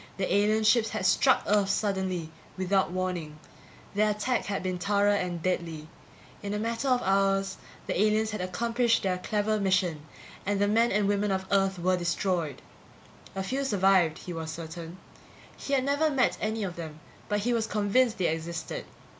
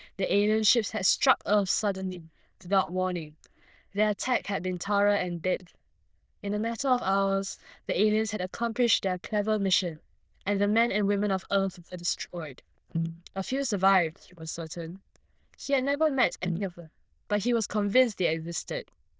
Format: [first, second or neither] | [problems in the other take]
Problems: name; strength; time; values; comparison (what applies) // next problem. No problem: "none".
first | noise reduction (neural diffusion model UNIVERSE++)